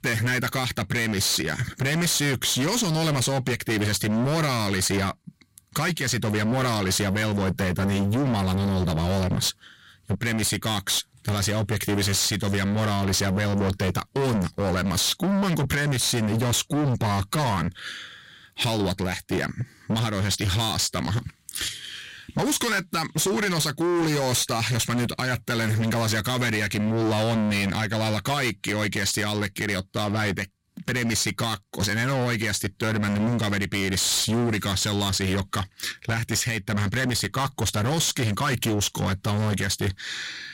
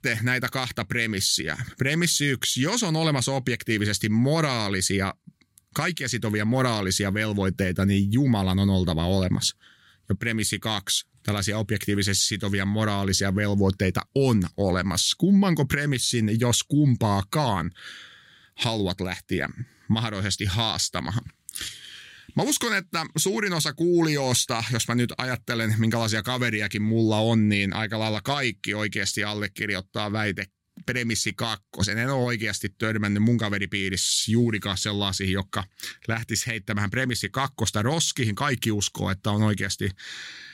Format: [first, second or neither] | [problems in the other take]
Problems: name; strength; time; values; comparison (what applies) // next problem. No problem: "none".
second | distortion; heavy; 27% of the sound clipped